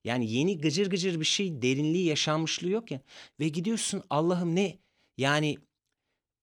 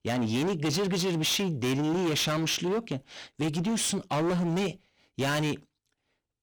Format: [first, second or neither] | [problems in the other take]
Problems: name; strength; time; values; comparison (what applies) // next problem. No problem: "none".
first | distortion; heavy; 24% of the sound clipped